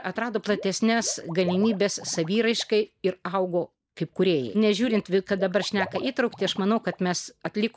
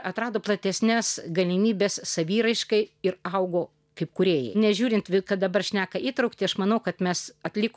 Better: second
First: noise reduction (neural mask model Resemble Enhance denoiser)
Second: none

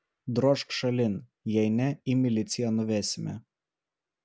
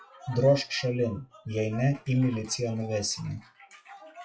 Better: first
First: none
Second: noise reduction (classical method WPE with log-MMSE)

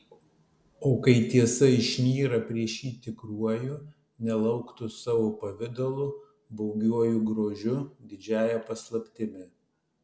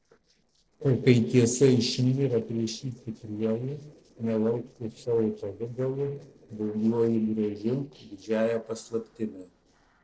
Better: first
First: none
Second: noise reduction (neural separator model SepFormer DNS4)

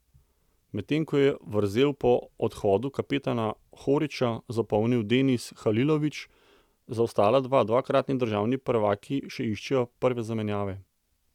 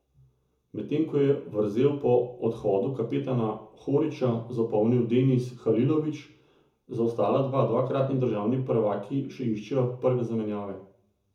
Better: first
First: none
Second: room echo; dies away in 0.6 s

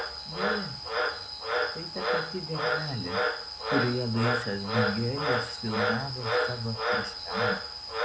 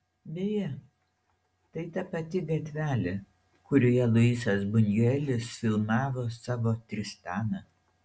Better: second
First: background sound (Frog); 4 dB above the speech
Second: none

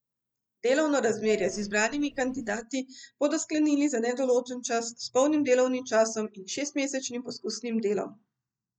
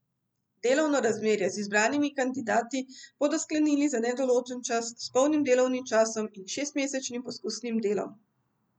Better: second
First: noise reduction (neural mask model DeepFilterNet 3)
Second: none

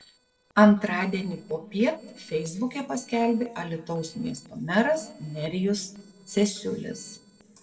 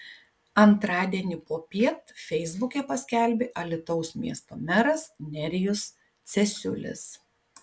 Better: second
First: noise reduction (neural separator model SepFormer DNS4)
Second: none

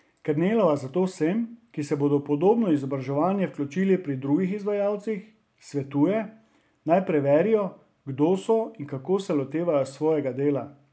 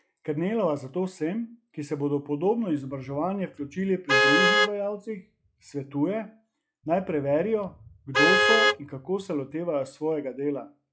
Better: first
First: none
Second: noise reduction (classical method log-MMSE)

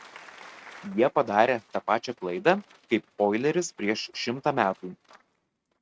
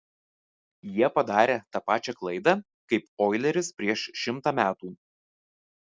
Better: second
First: noise reduction (neural mask model RNNoise)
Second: none

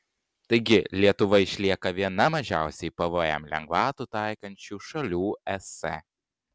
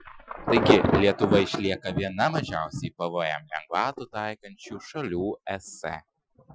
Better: first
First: none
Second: noise reduction (classical method Wiener filter)

